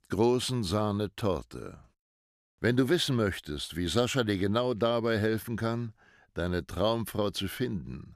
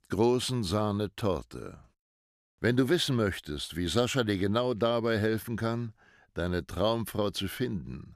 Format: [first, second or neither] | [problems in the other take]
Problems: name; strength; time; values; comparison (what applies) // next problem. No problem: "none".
neither | none